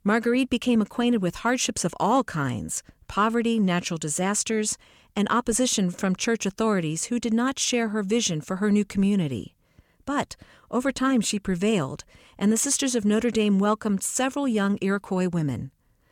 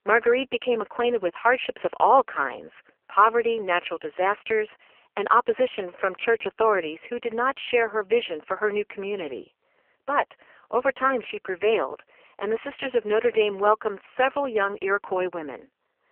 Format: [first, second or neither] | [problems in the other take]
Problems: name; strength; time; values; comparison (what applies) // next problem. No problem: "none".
first | phone-call audio; poor line; nothing above 3 kHz